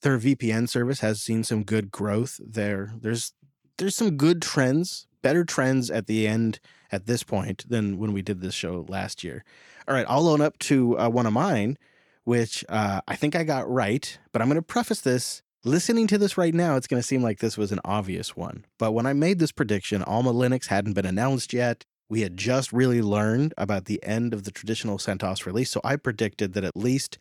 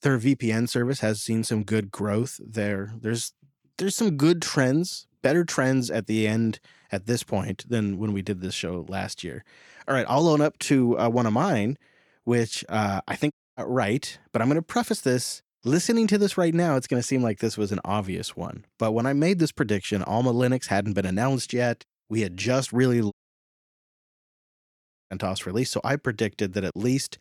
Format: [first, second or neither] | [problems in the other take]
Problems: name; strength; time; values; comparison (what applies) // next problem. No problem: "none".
first | audio cutting out; at 13 s and at 23 s for 2 s